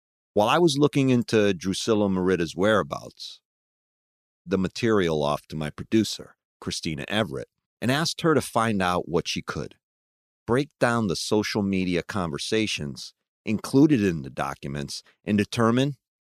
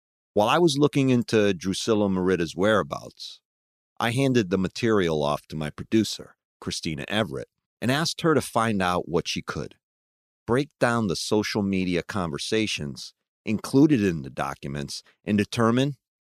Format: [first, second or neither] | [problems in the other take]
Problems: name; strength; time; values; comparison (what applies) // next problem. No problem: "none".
second | audio cutting out; at 4 s for 0.5 s